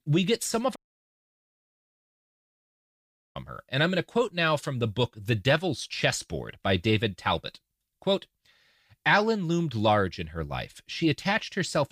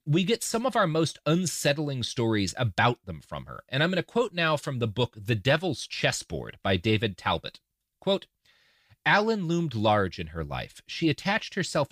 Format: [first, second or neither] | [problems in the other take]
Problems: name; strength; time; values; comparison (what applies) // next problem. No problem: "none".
second | audio cutting out; at 1 s for 2.5 s